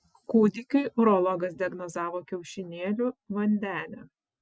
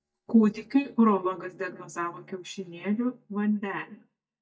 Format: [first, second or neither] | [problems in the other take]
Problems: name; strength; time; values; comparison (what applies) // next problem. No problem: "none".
first | noise reduction (neural mask model DeepFilterNet 3)